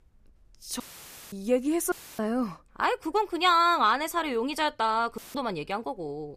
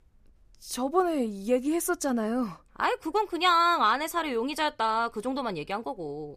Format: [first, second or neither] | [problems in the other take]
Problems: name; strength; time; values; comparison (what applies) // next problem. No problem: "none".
second | audio cutting out; filled with static; at 1 s for 0.5 s, at 2 s and at 5 s